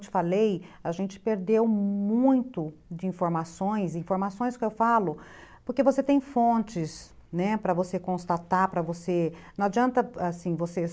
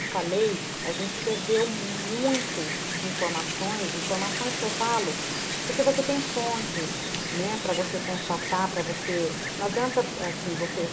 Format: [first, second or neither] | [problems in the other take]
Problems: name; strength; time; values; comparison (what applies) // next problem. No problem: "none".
first | background sound (Wind); 2 dB below the speech // room echo; dies away in 0.4 s